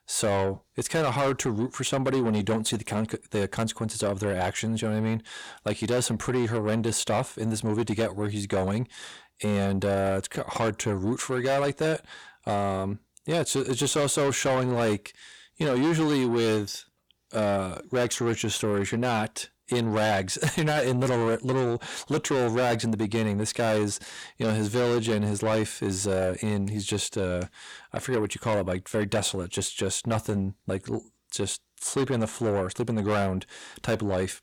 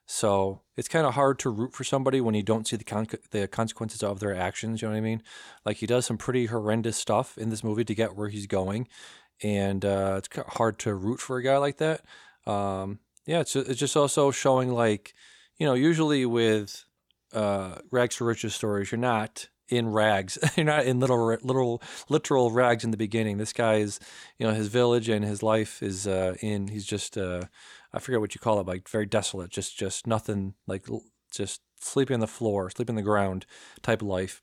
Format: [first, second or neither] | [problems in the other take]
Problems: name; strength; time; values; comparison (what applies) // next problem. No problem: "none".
second | distortion; heavy; 8 dB below the speech